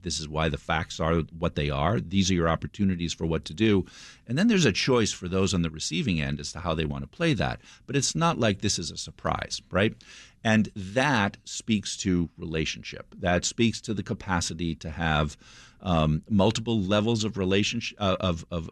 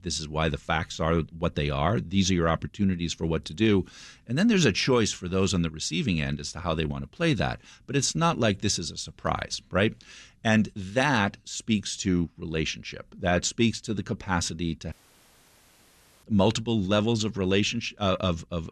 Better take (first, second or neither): first